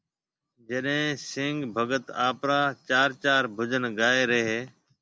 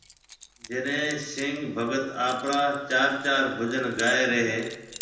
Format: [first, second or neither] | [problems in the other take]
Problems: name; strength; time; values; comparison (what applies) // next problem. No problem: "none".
first | background sound (Keys jangling); 18 dB below the speech // room echo; dies away in 0.8 s